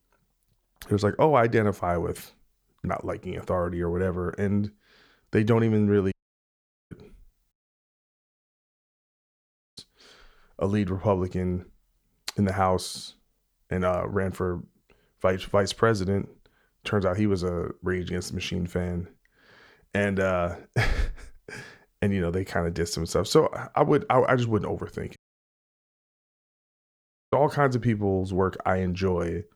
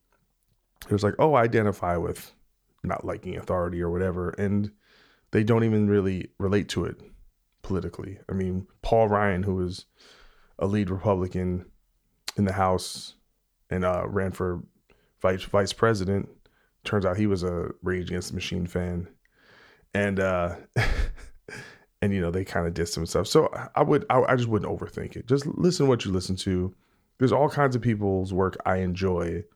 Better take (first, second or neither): second